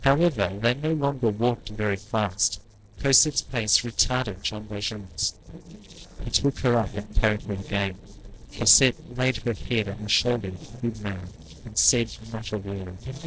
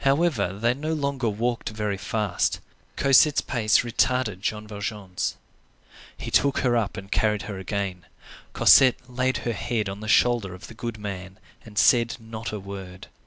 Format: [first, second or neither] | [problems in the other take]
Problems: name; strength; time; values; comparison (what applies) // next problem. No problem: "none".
second | noise reduction (neural separator model SepFormer DNS4)